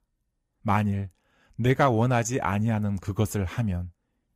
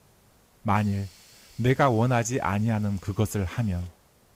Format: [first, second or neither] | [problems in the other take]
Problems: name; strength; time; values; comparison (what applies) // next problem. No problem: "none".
first | hiss; faint; throughout; 25 dB below the speech